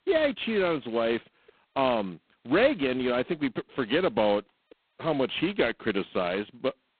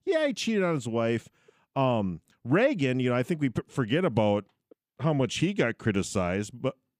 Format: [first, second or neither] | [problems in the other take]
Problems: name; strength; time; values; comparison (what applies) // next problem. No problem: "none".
second | phone-call audio; poor line; nothing above 4 kHz